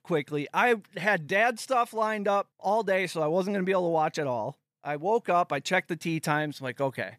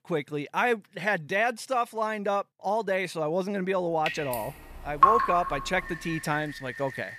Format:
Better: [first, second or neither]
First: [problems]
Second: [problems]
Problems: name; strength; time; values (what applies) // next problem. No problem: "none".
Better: first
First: none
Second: rain or running water; very loud; from 4 s on; as loud as the speech